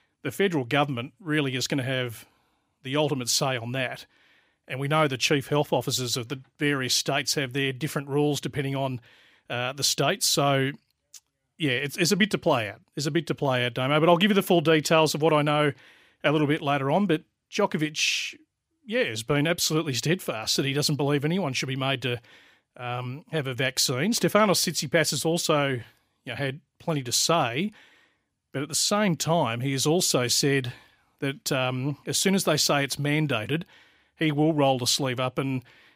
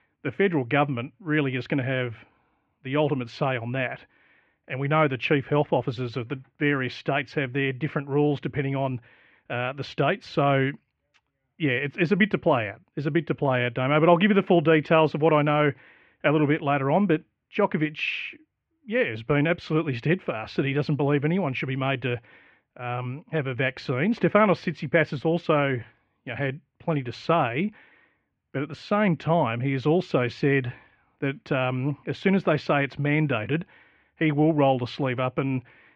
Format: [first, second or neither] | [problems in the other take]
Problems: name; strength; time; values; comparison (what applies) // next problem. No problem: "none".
first | muffled; very; fading above 2.5 kHz